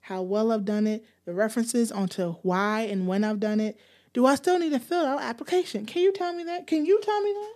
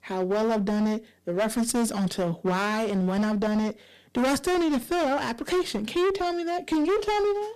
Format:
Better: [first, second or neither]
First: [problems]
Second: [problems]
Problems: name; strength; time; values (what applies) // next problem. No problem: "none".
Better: first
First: none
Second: distortion; heavy; 21% of the sound clipped